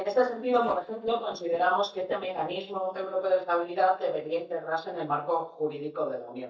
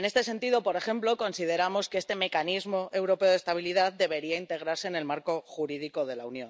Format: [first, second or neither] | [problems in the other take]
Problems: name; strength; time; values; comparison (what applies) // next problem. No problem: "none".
second | noise reduction (neural mask model DeepFilterNet 3)